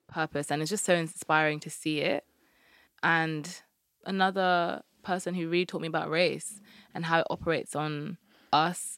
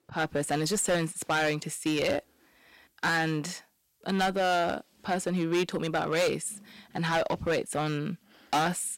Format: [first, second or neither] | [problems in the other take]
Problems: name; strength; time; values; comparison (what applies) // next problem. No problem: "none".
first | distortion; heavy; 8% of the sound clipped